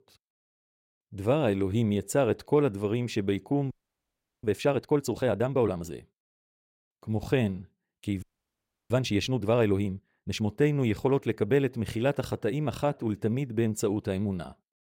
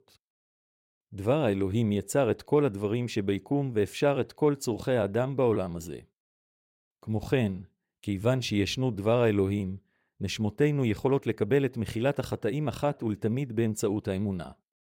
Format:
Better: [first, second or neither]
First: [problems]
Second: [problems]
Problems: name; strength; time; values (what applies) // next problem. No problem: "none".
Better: second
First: audio freezing; at 3.5 s for 0.5 s and at 8 s for 0.5 s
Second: none